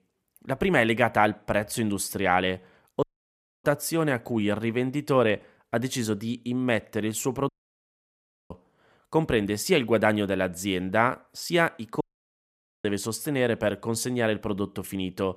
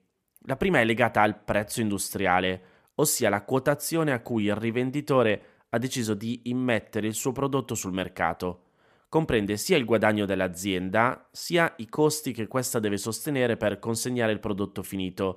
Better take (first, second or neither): second